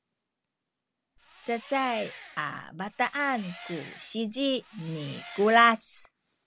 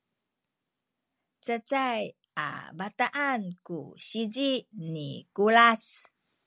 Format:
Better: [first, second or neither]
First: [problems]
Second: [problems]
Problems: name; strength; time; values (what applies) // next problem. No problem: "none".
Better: second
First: background sound (Engine); 18 dB below the speech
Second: none